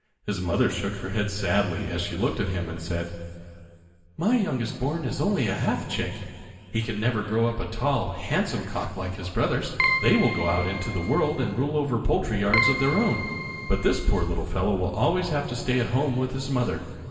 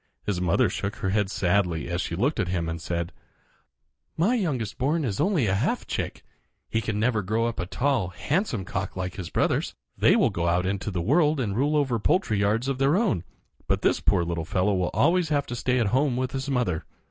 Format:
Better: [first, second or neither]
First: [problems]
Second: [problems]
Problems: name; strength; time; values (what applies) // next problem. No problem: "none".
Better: second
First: background sound (Keyboard (musical)); 4 dB below the speech // room echo; dies away in 2.2 s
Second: none